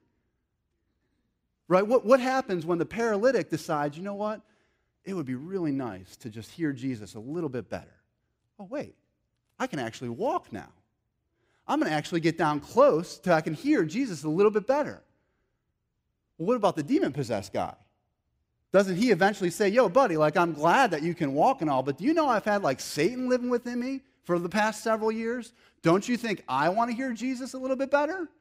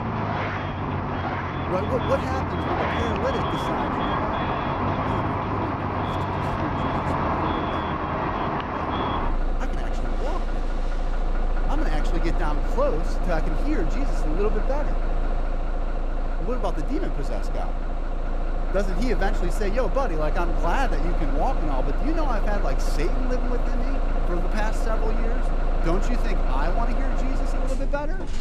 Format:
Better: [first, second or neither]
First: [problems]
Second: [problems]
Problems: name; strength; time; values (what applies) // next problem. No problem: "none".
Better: first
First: none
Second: traffic noise; very loud; throughout; 3 dB above the speech